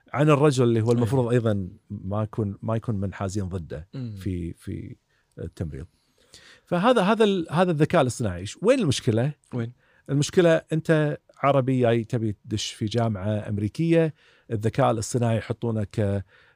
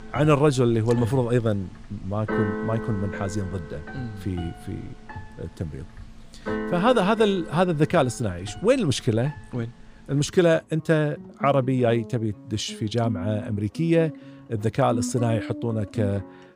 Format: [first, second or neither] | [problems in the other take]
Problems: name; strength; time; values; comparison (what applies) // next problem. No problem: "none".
first | background music; noticeable; throughout; 10 dB below the speech